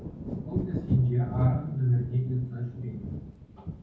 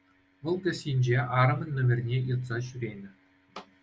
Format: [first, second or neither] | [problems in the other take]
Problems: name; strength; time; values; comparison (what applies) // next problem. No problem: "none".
second | background sound (Thunder / Wind); 5 dB below the speech // room echo; dies away in 0.9 s